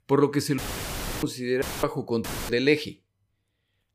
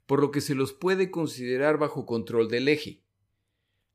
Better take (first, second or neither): second